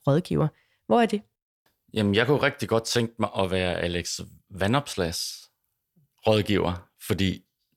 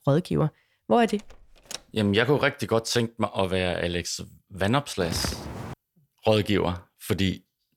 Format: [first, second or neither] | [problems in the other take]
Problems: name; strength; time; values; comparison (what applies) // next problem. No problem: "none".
first | door banging; faint; at 1 s; peak 15 dB below the speech // footsteps; noticeable; at 5 s; peak 7 dB below the speech